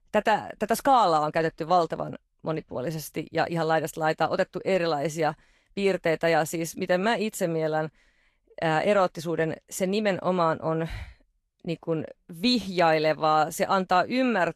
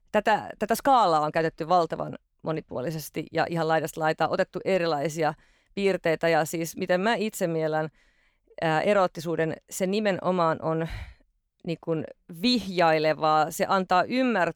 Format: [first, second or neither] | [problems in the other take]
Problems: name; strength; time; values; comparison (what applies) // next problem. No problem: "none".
second | garbled, watery; slightly; nothing above 13 kHz